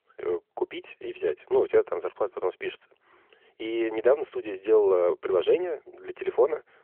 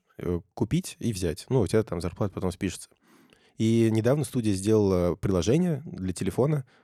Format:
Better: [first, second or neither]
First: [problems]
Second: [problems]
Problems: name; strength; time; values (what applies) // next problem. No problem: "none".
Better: second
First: phone-call audio; nothing above 3 kHz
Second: none